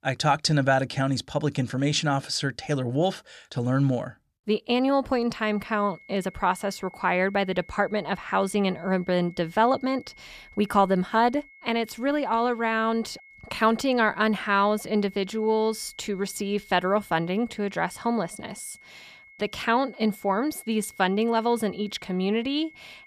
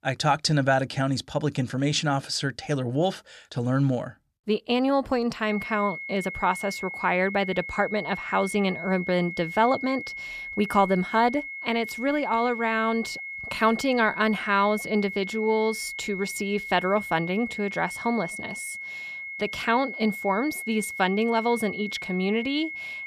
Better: first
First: high-pitched whine; faint; from 5.5 s on; 2 kHz, 25 dB below the speech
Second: high-pitched whine; loud; from 5.5 s on; 2 kHz, 8 dB below the speech

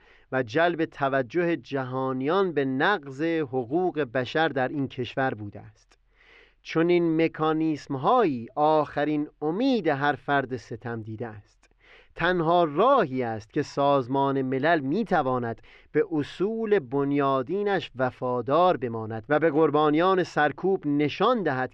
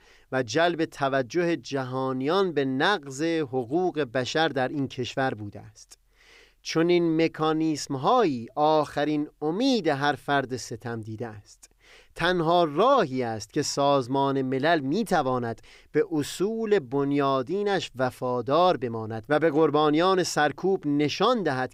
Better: second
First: muffled; slightly; fading above 2.5 kHz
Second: none

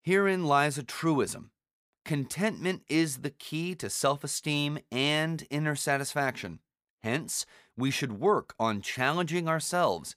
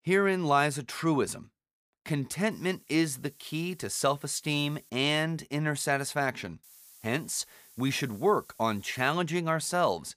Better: first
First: none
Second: hiss; faint; from 2.5 to 5 s and from 6.5 to 9 s; 25 dB below the speech

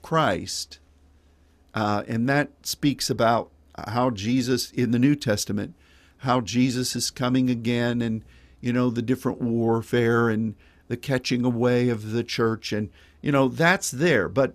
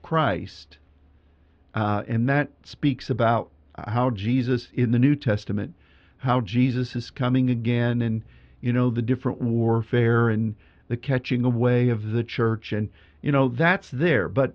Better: first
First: none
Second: muffled; slightly; fading above 3.5 kHz

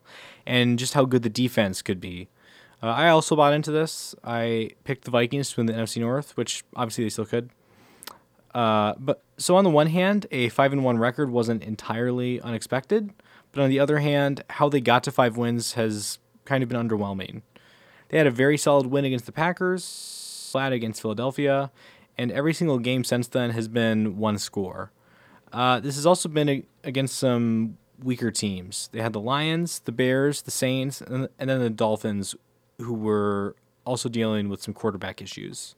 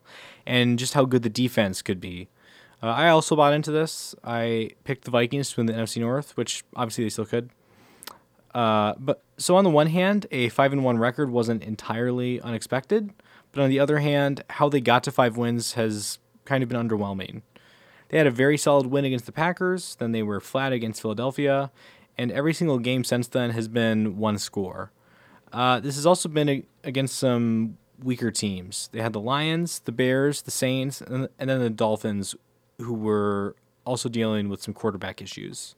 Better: second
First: audio freezing; at 20 s for 0.5 s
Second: none

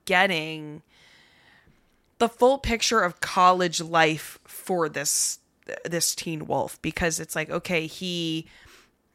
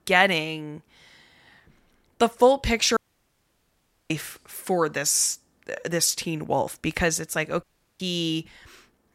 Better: first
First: none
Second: audio cutting out; at 3 s for 1 s and at 7.5 s

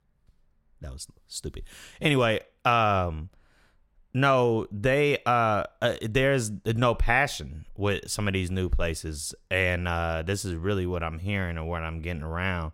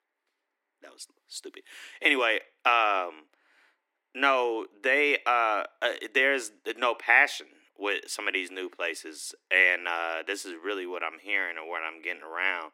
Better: first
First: none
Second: thin; very; fading below 300 Hz

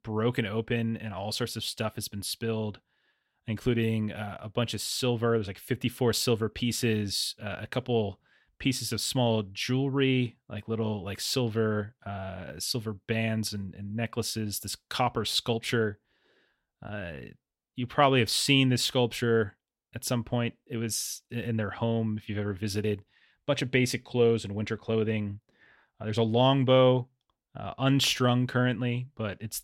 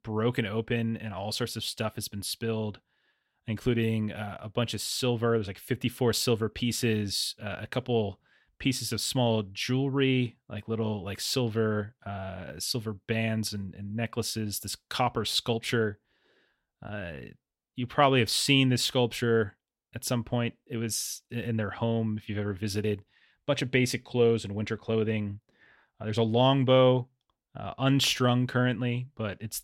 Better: neither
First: none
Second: none

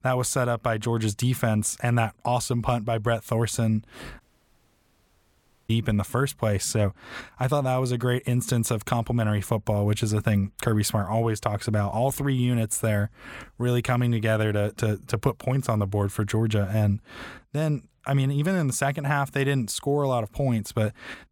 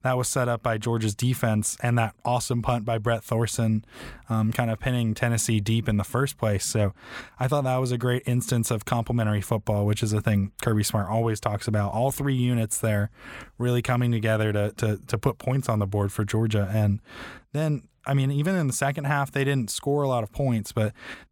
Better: second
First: audio cutting out; at 4 s for 1.5 s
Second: none

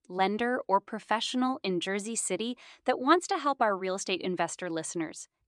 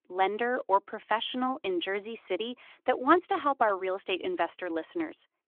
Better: first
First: none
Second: phone-call audio; nothing above 3.5 kHz

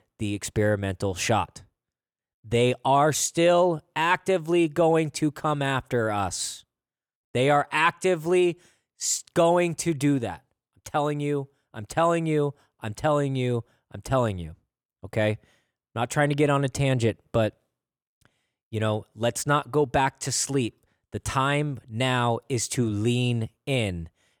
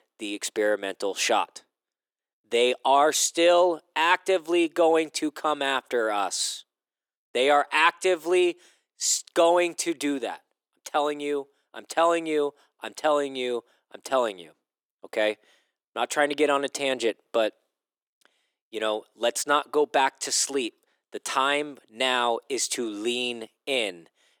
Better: first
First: none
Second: thin; somewhat; fading below 300 Hz

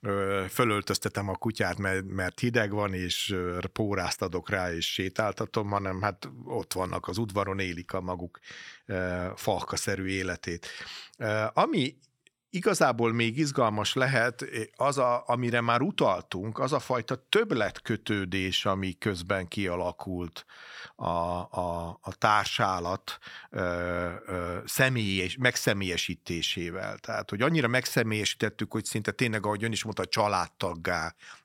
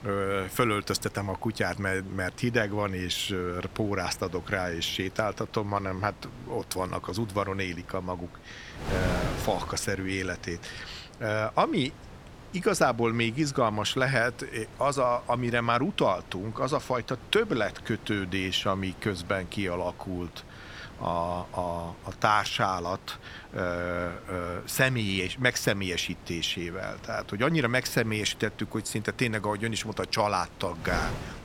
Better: first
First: none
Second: wind noise on the microphone; occasional gusts; 15 dB below the speech

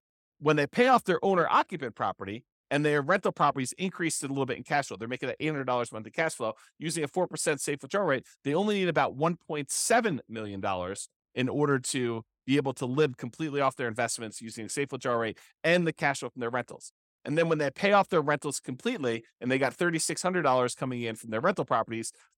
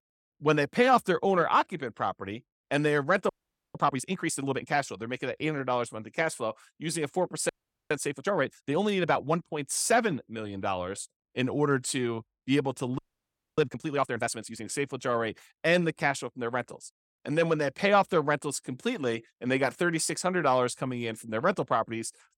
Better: first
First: none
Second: audio freezing; at 3.5 s, at 7.5 s and at 13 s for 0.5 s

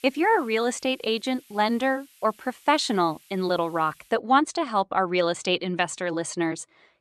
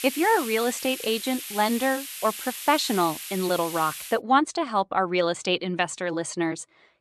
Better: first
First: hiss; faint; until 4 s; 30 dB below the speech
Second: hiss; loud; until 4 s; 9 dB below the speech

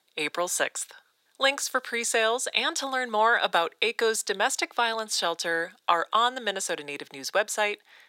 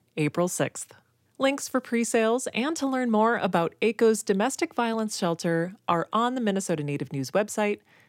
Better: second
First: thin; very; fading below 650 Hz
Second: none

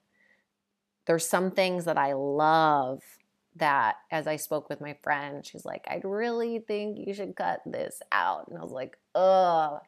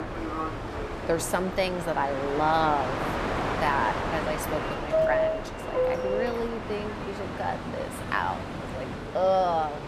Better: first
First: none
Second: train or aircraft noise; loud; throughout; 2 dB below the speech

